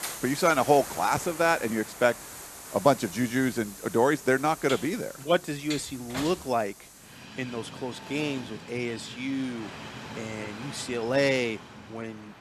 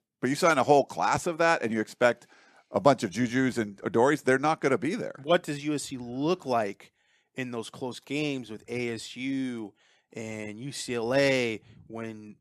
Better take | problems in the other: second | train or aircraft noise; noticeable; throughout; 15 dB below the speech

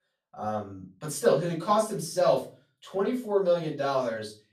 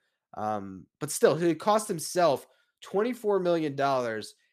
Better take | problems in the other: second | room echo; slight; dies away in 0.3 s // off-mic speech; far

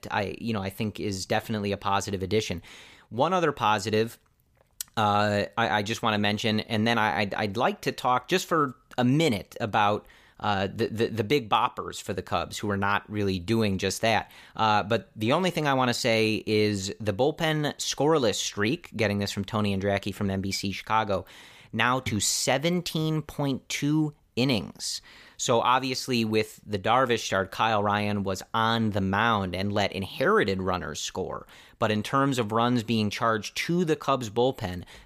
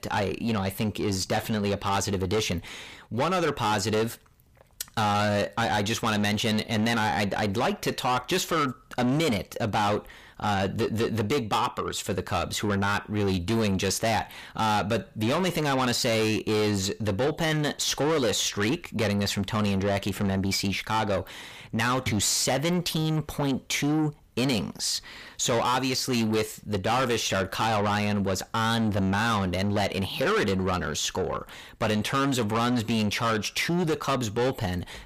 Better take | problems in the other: first | distortion; heavy; 7 dB below the speech

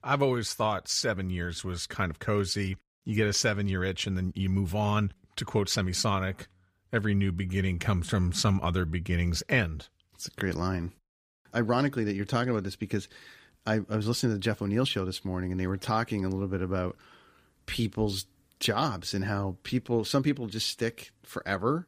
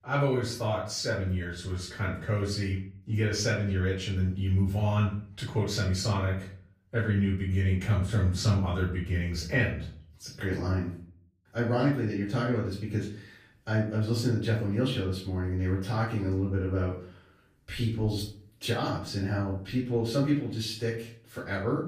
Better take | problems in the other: first | off-mic speech; far // room echo; noticeable; dies away in 0.5 s

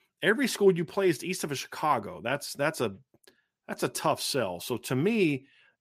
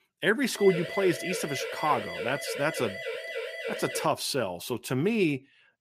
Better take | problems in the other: first | siren; noticeable; from 0.5 to 4 s; peak 5 dB below the speech

